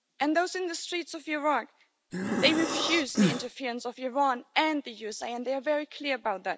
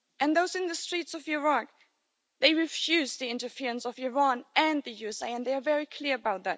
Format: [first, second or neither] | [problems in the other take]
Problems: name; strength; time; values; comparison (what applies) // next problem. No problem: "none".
second | background sound (Breathing); 1 dB above the speech